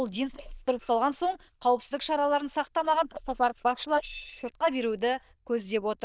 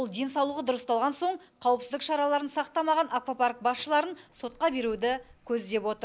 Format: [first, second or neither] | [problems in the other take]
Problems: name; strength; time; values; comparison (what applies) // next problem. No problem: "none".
second | noise reduction (neural diffusion model UNIVERSE++)